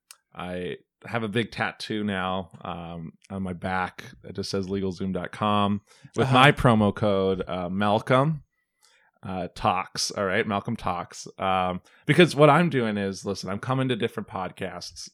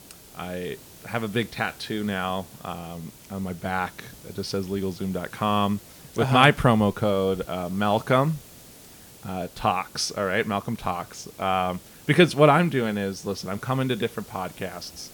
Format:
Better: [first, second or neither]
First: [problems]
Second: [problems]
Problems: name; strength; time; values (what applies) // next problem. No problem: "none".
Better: first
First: none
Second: hiss; faint; throughout; 20 dB below the speech